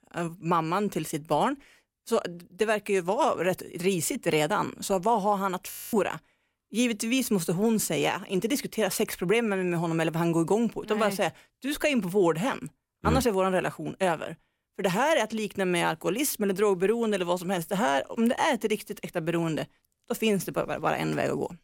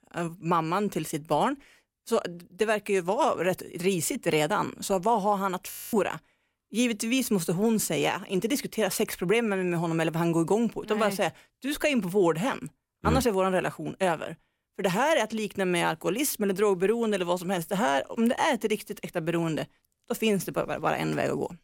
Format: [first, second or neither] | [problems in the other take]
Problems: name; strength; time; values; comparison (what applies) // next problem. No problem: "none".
neither | audio freezing; at 5.5 s; the same in both